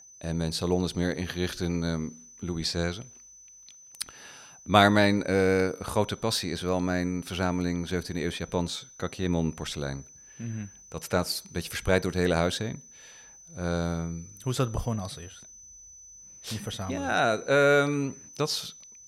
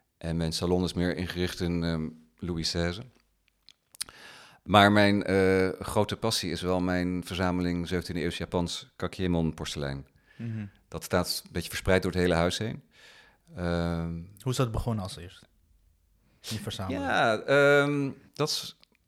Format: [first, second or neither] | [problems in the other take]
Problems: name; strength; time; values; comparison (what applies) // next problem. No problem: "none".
second | high-pitched whine; faint; throughout; 6 kHz, 20 dB below the speech